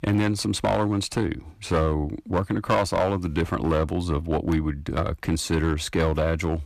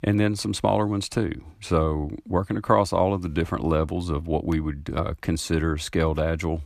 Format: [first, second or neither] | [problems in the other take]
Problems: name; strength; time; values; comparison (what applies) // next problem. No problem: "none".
second | distortion; slight; 5% of the sound clipped